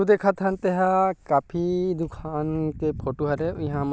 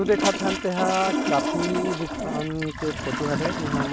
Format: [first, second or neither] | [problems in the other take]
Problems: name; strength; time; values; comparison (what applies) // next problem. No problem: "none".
first | background sound (Toilet flush); 1 dB below the speech